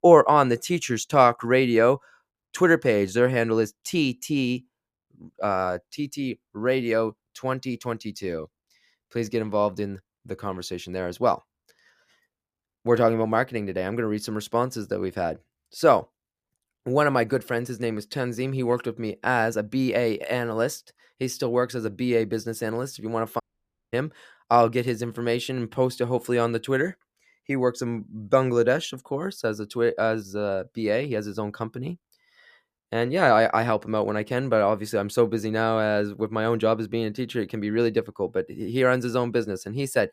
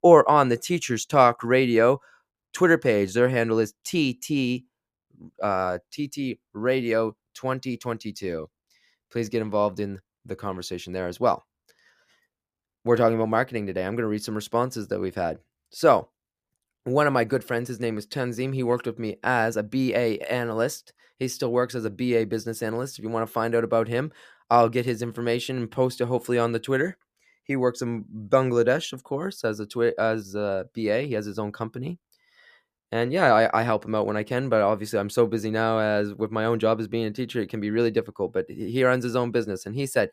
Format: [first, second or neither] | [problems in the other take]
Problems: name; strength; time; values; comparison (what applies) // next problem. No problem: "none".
second | audio cutting out; at 23 s for 0.5 s